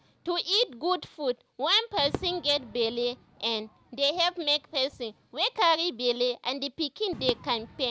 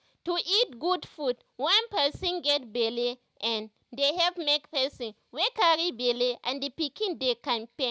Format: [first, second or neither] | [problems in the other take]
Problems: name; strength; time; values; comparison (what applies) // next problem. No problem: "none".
second | background sound (Crowd / Fireworks); 18 dB below the speech